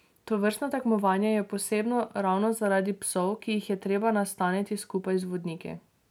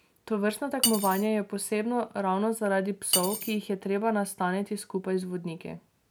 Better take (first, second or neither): first